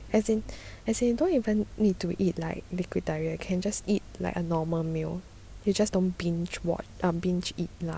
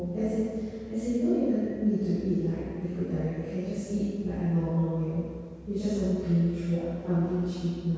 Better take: first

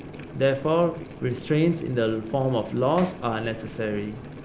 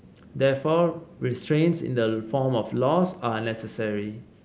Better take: second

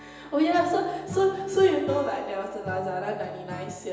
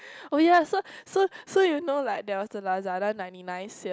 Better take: second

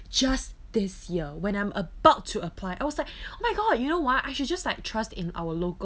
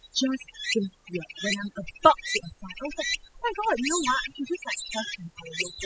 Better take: first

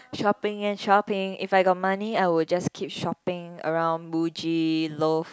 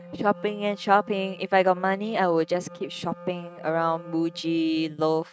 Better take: first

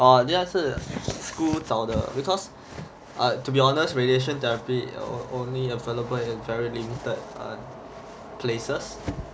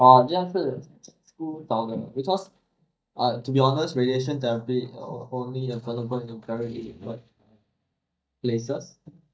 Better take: first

